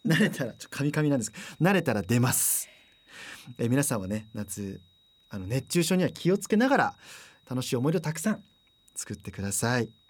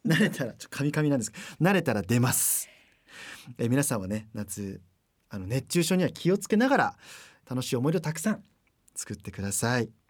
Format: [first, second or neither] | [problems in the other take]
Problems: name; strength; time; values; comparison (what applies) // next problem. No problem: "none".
second | high-pitched whine; faint; throughout; 4 kHz, 35 dB below the speech